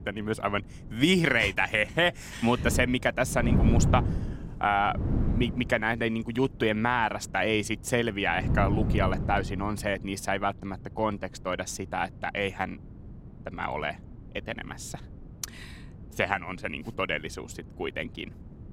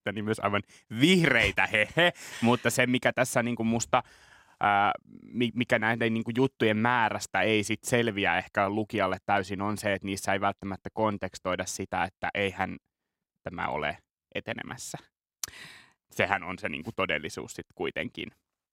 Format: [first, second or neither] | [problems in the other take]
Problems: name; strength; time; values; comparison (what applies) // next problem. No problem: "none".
second | wind noise on the microphone; occasional gusts; 10 dB below the speech